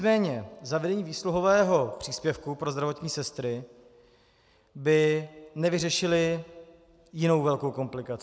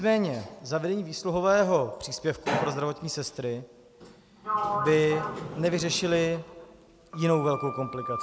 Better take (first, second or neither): first